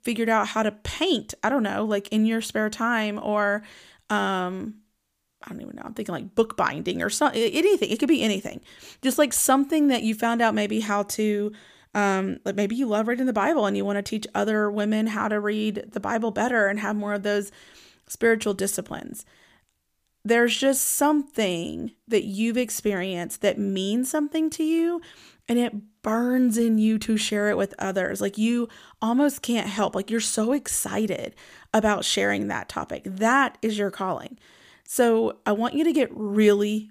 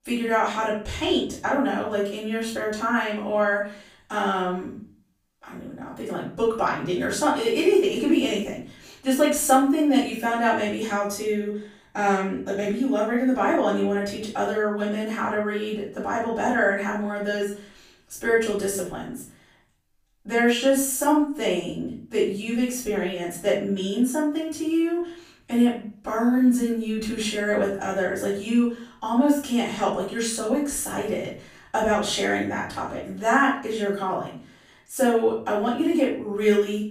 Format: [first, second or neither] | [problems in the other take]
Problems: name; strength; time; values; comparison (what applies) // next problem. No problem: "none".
first | off-mic speech; far // room echo; noticeable; dies away in 0.4 s